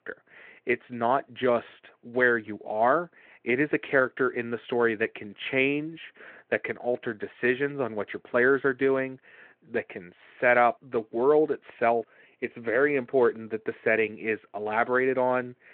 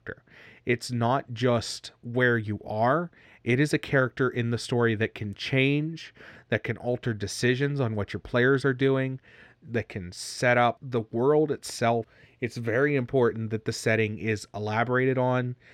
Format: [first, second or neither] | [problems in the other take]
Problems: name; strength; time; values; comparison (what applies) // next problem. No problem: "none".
second | phone-call audio